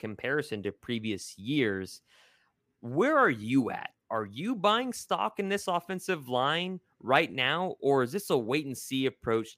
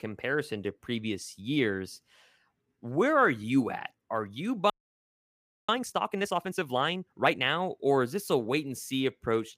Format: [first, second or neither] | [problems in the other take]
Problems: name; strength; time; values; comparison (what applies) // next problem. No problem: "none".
first | audio freezing; at 4.5 s for 1 s